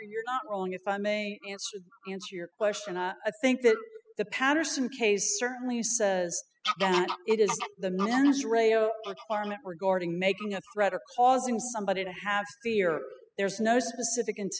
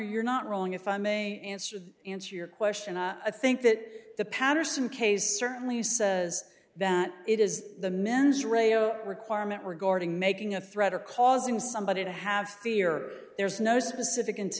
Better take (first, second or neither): second